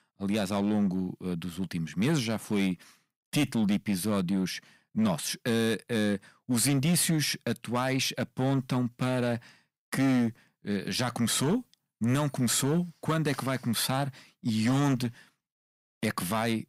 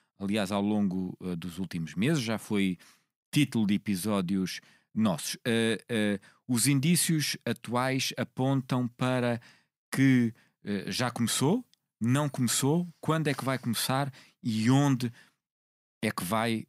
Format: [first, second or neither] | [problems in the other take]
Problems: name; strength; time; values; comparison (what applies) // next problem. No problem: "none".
second | distortion; slight; 6% of the sound clipped